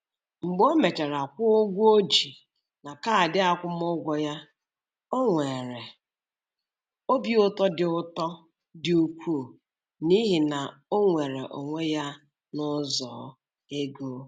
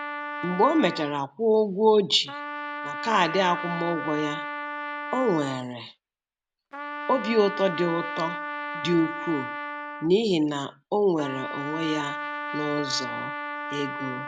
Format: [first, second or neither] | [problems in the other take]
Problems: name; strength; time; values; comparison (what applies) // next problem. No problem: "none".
first | background sound (Trumpet); 8 dB below the speech